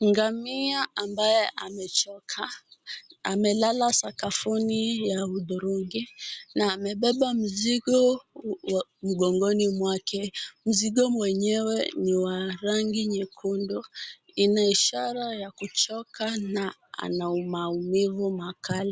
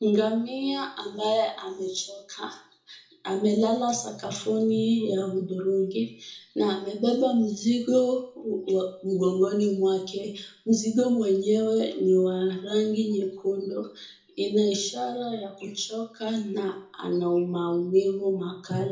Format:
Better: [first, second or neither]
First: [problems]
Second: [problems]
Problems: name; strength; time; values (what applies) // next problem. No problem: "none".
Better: first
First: none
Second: room echo; dies away in 0.6 s